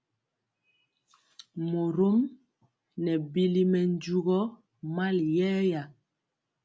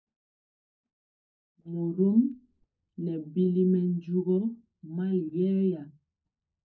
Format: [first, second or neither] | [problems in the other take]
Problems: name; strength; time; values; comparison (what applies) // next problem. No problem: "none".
first | noise reduction (neural mask model DeepFilterNet 3)